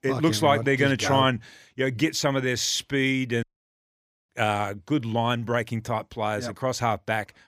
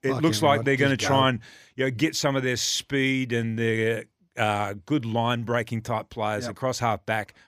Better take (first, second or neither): second